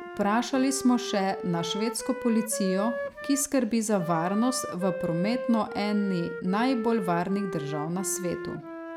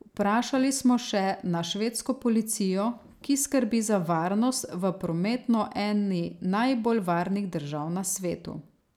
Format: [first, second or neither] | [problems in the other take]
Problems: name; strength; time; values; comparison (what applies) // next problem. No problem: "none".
second | background sound (Wind instrument, woodwind instrument); 8 dB below the speech